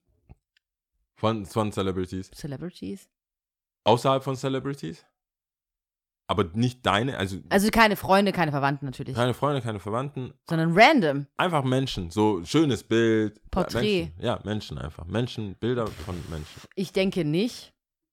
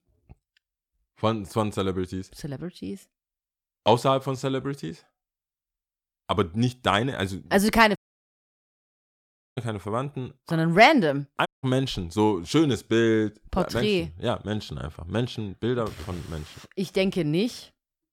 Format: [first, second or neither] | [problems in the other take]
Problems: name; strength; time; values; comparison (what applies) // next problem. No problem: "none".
first | audio cutting out; at 8 s for 1.5 s and at 11 s